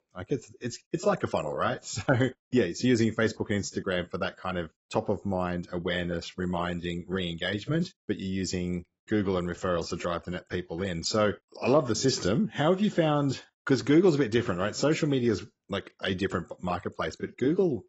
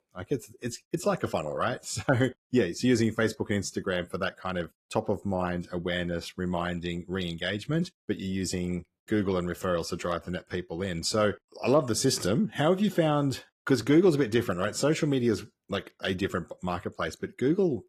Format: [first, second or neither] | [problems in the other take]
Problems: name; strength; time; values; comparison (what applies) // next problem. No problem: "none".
second | garbled, watery; badly; nothing above 7.5 kHz; slightly in the second